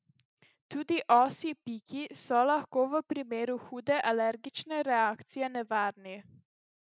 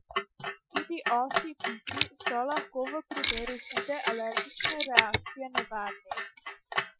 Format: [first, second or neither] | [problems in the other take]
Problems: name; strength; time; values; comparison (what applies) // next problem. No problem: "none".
first | noise reduction (classical method Wiener filter)